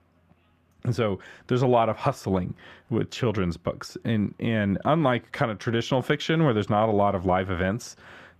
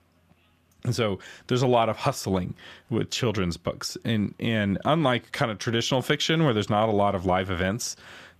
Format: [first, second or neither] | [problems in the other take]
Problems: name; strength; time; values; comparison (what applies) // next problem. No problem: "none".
second | muffled; slightly; fading above 2.5 kHz